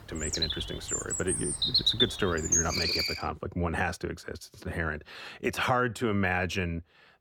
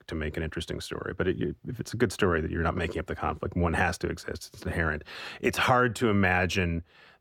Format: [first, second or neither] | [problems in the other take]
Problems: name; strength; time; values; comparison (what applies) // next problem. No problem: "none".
second | animal sounds; very loud; until 3 s; 4 dB above the speech